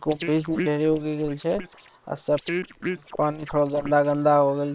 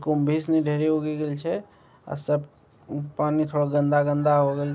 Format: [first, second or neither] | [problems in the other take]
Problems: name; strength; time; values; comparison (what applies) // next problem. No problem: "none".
second | noise reduction (neural separator model SepFormer WHAM!)